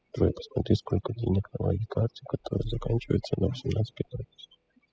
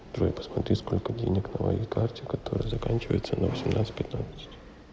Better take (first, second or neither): second